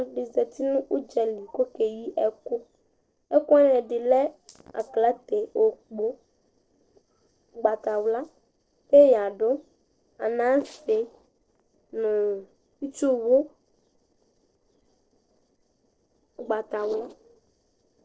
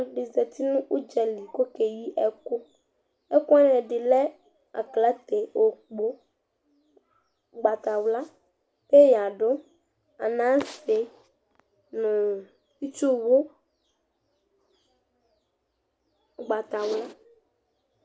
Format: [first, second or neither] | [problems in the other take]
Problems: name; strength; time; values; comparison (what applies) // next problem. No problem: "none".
second | noise reduction (neural separator model SepFormer DNS4)